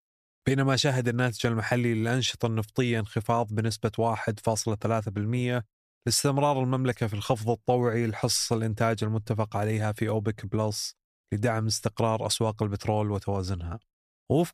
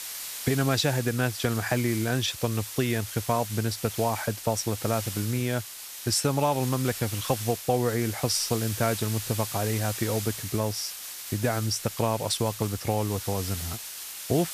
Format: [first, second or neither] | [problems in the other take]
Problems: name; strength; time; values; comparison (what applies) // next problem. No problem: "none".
first | hiss; loud; throughout; 7 dB below the speech